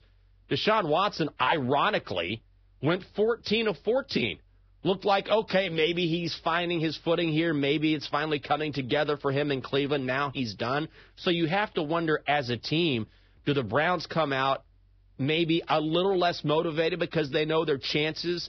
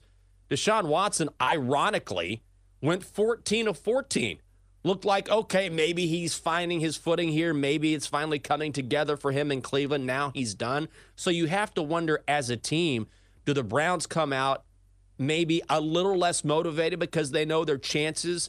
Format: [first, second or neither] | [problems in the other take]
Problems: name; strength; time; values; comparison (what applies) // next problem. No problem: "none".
second | garbled, watery; badly; nothing above 5.5 kHz